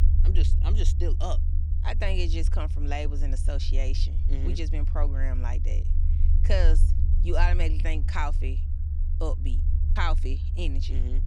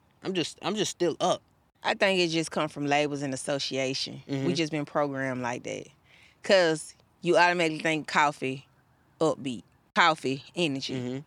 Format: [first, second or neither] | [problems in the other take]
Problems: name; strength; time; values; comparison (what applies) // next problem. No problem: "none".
second | low rumble; noticeable; throughout; 10 dB below the speech